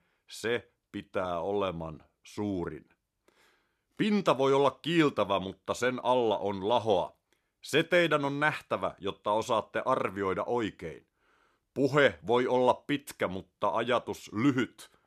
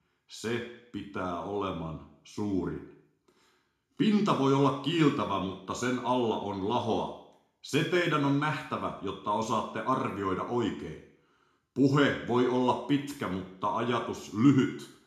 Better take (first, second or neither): first